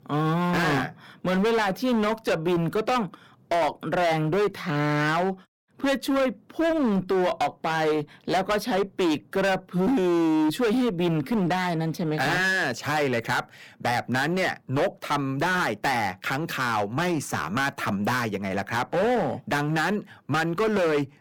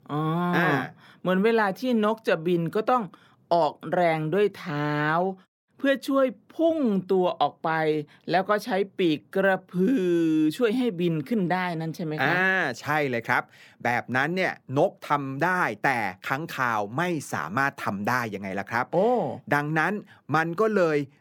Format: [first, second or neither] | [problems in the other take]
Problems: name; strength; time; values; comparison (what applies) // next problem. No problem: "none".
second | distortion; heavy; 19% of the sound clipped